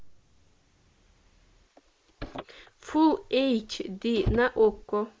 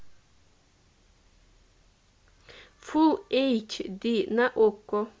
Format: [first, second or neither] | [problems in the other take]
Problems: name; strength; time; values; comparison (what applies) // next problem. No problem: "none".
second | noise reduction (neural mask model Resemble Enhance denoiser)